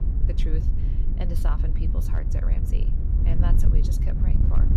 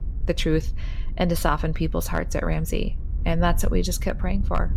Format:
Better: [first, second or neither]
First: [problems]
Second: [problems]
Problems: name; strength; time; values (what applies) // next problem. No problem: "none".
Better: second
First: wind noise on the microphone; heavy; as loud as the speech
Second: wind noise on the microphone; occasional gusts; 20 dB below the speech